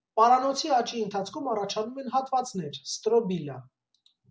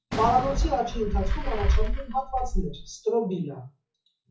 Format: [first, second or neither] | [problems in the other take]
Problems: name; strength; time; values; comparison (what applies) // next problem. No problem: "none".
first | noise reduction (classical method WPE with log-MMSE)